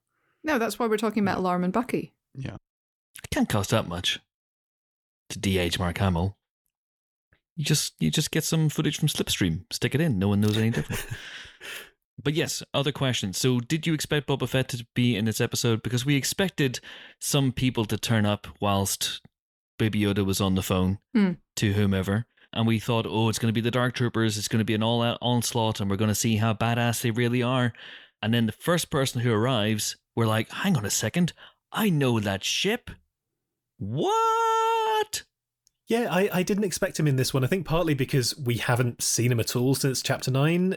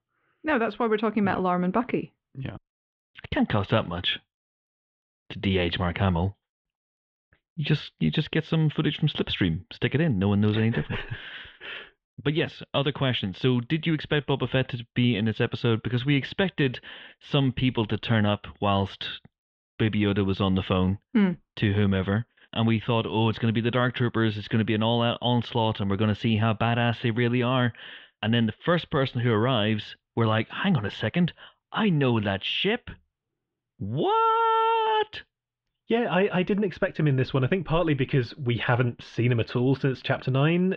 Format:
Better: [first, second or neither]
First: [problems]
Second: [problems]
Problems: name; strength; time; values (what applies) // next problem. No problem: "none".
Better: first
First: none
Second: muffled; very; fading above 3.5 kHz